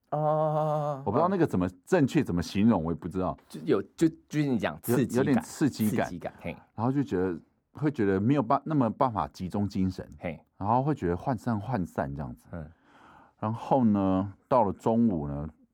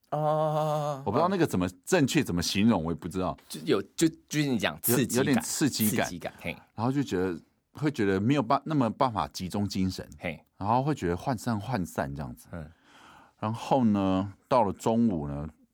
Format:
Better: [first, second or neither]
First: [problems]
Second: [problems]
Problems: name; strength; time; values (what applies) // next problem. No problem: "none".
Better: second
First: muffled; slightly; fading above 2 kHz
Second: none